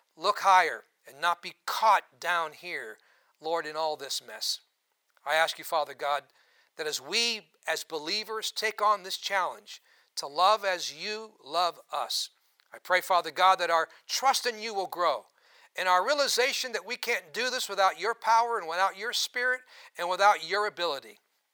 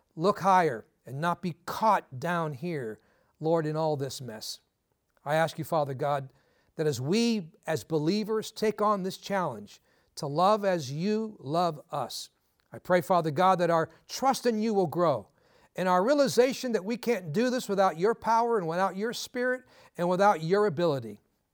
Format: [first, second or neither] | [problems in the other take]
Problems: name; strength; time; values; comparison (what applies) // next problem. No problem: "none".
second | thin; very; fading below 850 Hz